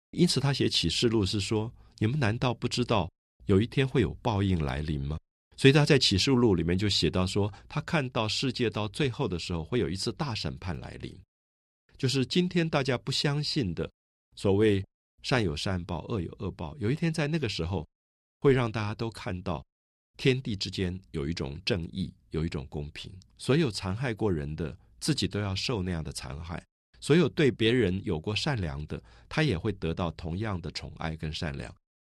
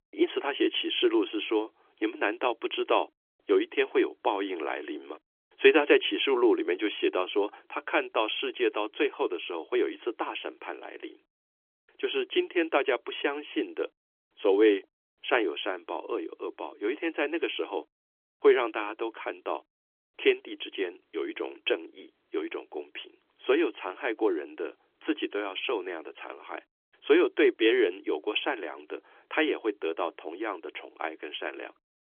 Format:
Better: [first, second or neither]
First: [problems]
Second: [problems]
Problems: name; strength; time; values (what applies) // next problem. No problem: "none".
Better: first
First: none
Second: phone-call audio; nothing above 3.5 kHz